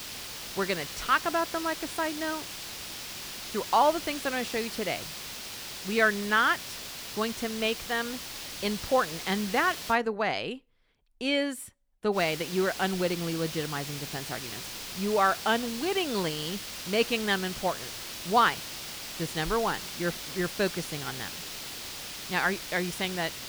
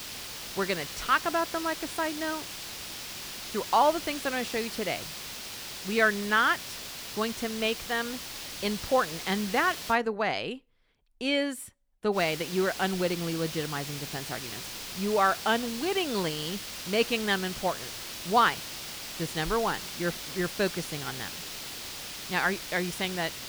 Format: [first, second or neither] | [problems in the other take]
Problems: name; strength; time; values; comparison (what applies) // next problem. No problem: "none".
neither | hiss; loud; until 10 s and from 12 s on; 8 dB below the speech; the same in both